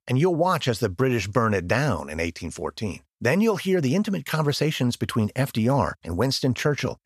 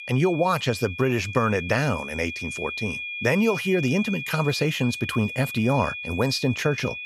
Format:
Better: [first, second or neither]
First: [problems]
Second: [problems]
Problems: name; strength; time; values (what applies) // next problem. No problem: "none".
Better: first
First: none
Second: high-pitched whine; loud; throughout; 2.5 kHz, 7 dB below the speech